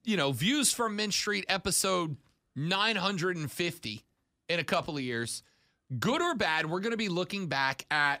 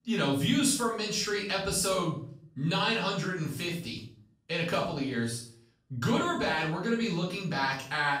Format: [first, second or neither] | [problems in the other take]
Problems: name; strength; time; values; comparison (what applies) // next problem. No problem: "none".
first | room echo; noticeable; dies away in 0.5 s // off-mic speech; far